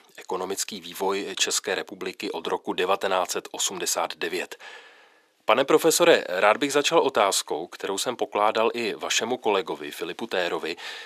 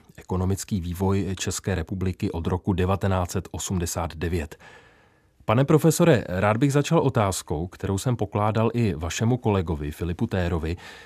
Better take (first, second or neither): second